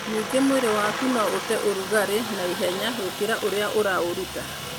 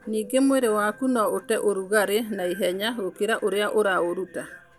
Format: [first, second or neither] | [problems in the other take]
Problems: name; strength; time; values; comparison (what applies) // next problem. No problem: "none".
second | background sound (Aircraft); 6 dB below the speech